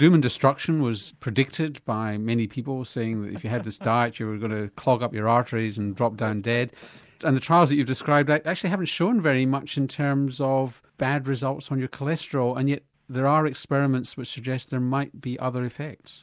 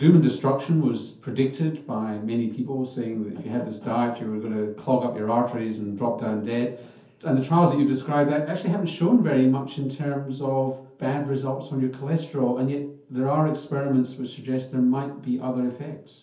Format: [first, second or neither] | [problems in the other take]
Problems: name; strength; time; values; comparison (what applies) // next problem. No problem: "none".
first | room echo; dies away in 0.5 s